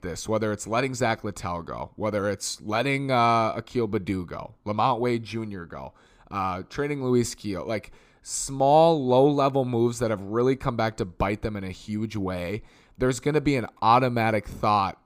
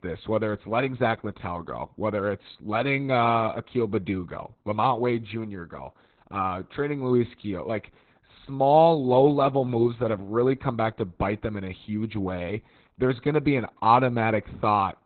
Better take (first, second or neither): first